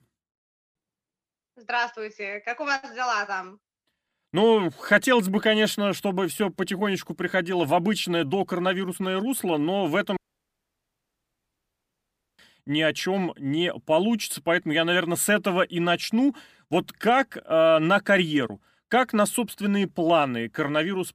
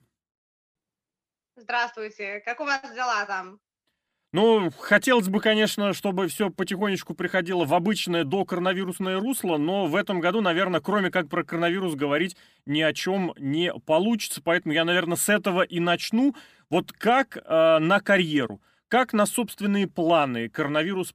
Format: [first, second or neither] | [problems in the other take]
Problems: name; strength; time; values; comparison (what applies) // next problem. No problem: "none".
second | audio cutting out; at 10 s for 2 s